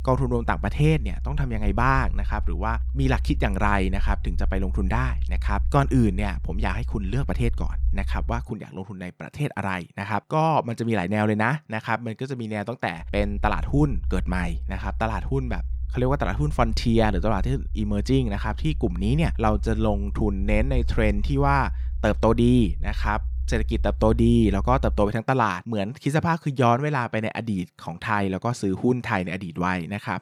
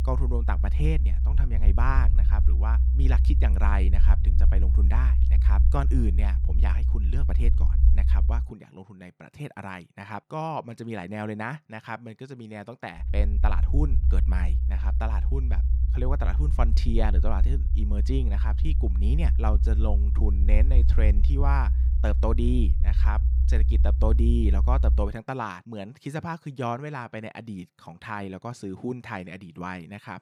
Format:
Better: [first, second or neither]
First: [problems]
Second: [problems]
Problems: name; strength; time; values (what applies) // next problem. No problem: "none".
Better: first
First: low rumble; faint; until 8.5 s and from 13 to 25 s; 25 dB below the speech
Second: low rumble; loud; until 8.5 s and from 13 to 25 s; 9 dB below the speech